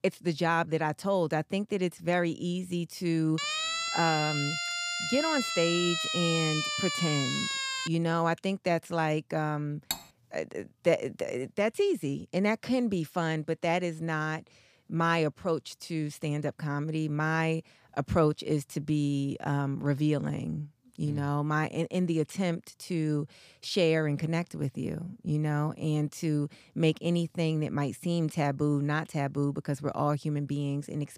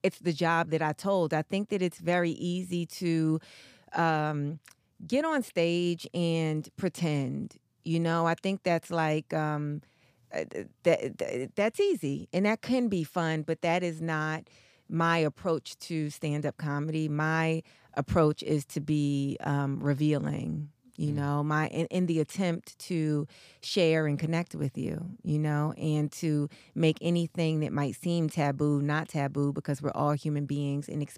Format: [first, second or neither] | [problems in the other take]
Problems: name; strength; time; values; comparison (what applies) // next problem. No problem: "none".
second | siren; loud; from 3.5 to 8 s; peak 1 dB above the speech // clattering dishes; noticeable; at 10 s; peak 5 dB below the speech